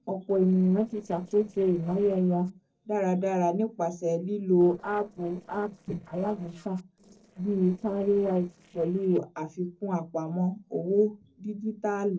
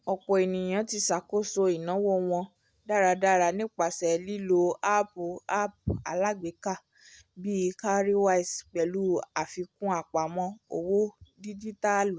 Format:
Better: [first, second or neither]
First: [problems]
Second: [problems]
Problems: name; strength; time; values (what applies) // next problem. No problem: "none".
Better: second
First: noise reduction (neural separator model SepFormer DNS4)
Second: none